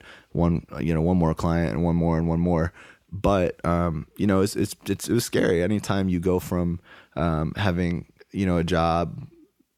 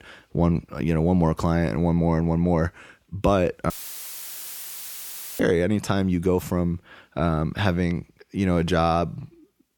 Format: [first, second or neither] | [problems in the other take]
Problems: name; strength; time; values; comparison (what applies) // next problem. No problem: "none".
first | audio cutting out; filled with static; at 3.5 s for 1.5 s